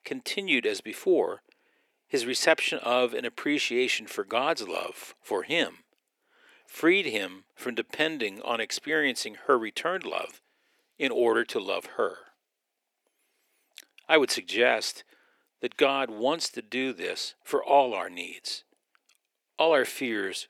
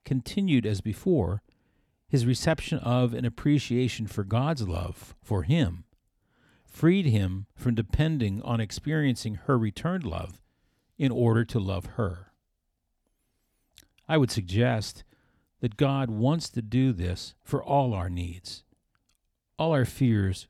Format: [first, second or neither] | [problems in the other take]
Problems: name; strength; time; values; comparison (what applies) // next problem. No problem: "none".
second | thin; very; fading below 400 Hz